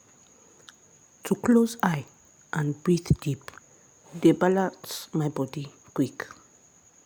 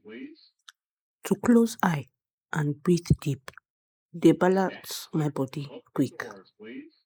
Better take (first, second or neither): first